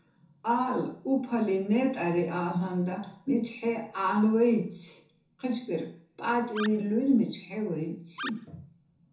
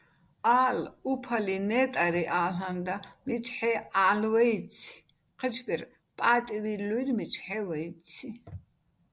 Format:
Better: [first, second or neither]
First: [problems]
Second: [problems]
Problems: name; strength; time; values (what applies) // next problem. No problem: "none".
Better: second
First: background sound (Animal); 13 dB below the speech // room echo; dies away in 0.7 s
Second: none